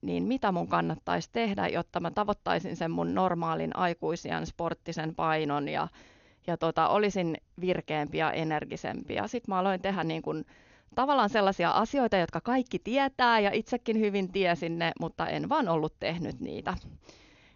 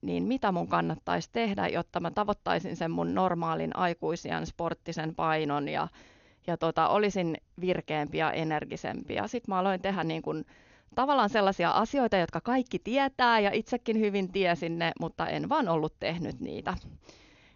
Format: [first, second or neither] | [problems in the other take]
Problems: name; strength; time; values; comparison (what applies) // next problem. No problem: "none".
neither | garbled, watery; slightly; nothing above 6.5 kHz; the same in both